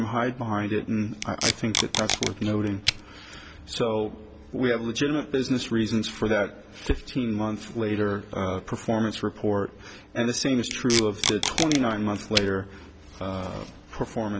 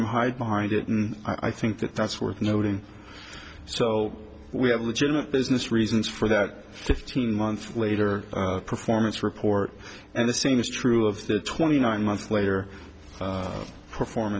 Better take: second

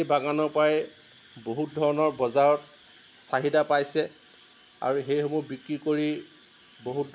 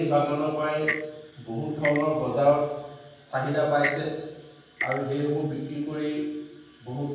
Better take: first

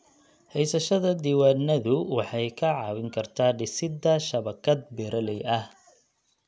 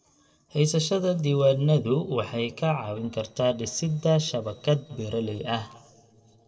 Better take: first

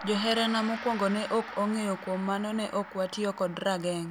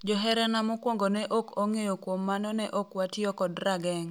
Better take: second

